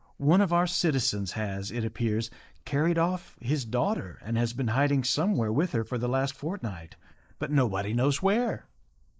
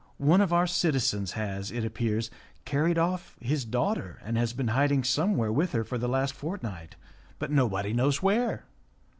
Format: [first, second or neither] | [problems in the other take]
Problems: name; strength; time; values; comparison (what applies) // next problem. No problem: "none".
second | noise reduction (neural mask model Resemble Enhance denoiser)